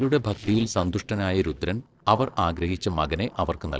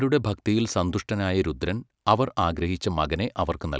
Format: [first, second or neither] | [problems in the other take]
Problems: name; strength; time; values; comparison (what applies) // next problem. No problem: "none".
second | noise reduction (neural separator model SepFormer DNS4)